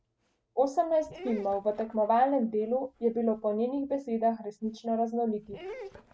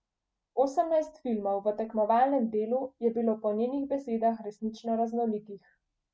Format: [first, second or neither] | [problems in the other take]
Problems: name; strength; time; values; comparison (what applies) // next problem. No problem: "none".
second | background sound (Dog); 19 dB below the speech